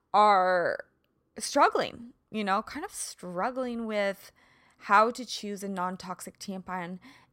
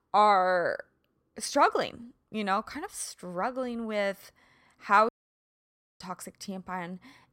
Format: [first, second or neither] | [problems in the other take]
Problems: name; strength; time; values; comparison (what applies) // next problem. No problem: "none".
first | audio cutting out; at 5 s for 1 s